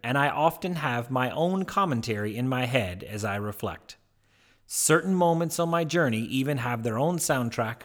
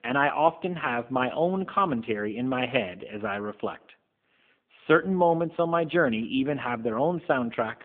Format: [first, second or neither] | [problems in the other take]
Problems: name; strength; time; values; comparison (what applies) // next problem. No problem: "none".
first | phone-call audio